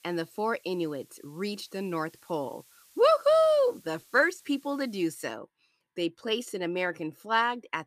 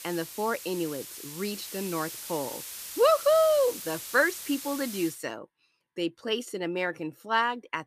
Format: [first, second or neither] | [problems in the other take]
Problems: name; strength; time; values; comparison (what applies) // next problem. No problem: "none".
first | hiss; loud; until 5 s; 10 dB below the speech; faint in the first